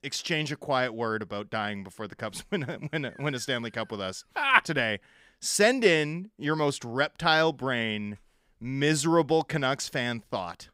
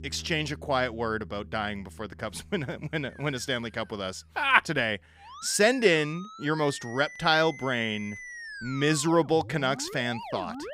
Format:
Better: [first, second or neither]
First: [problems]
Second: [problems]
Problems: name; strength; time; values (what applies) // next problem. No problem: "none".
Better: first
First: none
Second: background music; noticeable; throughout; 15 dB below the speech